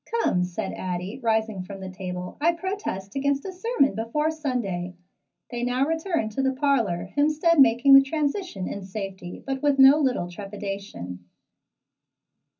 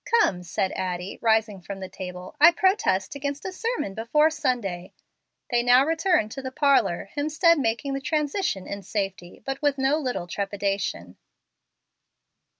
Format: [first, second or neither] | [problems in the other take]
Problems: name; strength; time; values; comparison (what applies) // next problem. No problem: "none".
second | room echo; dies away in 0.3 s